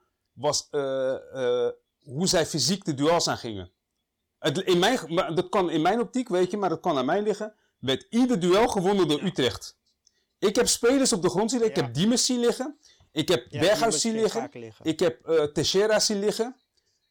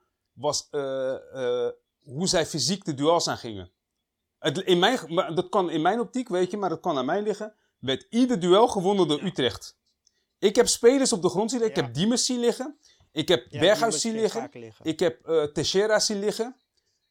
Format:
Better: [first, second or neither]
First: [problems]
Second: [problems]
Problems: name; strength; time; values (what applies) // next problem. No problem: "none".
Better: second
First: distortion; slight; 5% of the sound clipped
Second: none